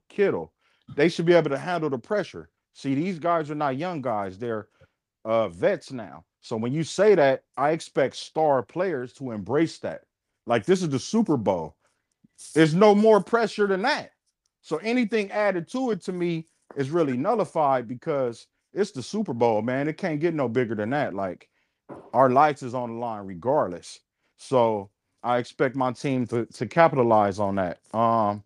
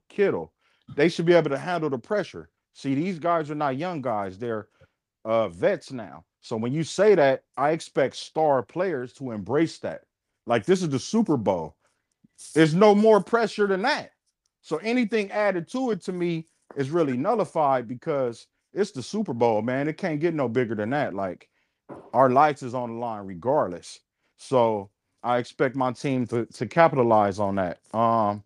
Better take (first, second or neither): neither